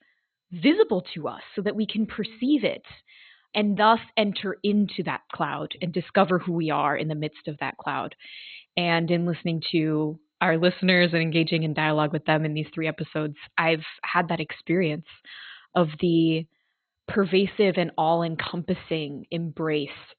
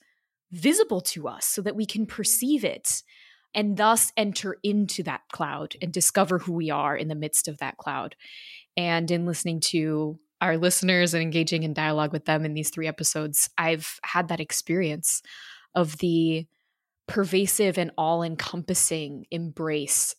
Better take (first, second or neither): second